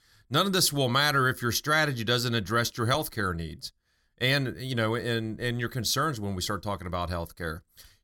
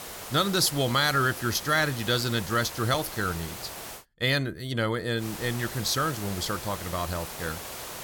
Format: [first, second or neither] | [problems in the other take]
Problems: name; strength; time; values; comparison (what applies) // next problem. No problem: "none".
first | hiss; noticeable; until 4 s and from 5 s on; 10 dB below the speech